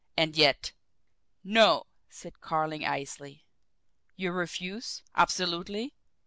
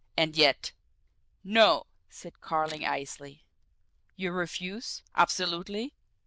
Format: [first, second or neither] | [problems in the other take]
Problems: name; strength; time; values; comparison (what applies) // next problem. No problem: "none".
first | noise reduction (neural diffusion model UNIVERSE++)